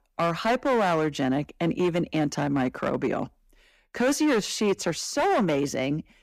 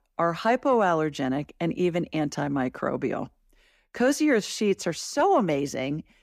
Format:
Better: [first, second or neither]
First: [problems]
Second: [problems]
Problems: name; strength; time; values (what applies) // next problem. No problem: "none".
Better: second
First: distortion; slight; 11% of the sound clipped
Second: none